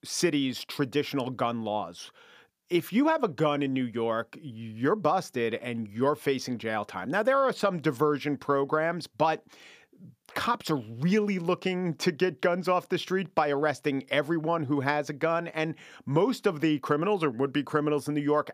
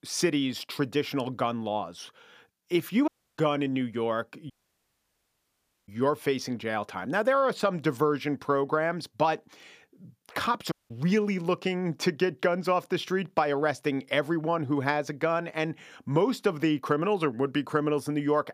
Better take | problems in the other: first | audio cutting out; at 3 s, at 4.5 s for 1.5 s and at 11 s

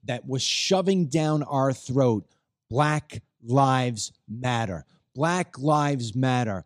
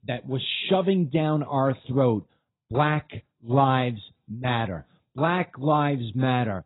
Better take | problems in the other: first | garbled, watery; badly; nothing above 4 kHz

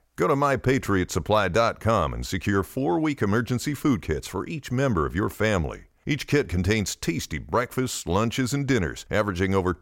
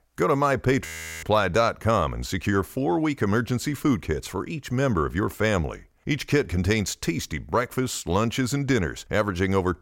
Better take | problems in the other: first | audio freezing; at 1 s

